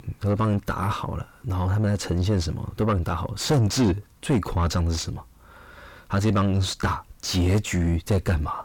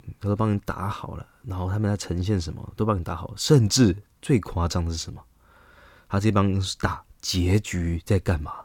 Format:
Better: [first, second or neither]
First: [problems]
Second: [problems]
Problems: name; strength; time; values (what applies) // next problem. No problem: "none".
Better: second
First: distortion; heavy; 6 dB below the speech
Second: none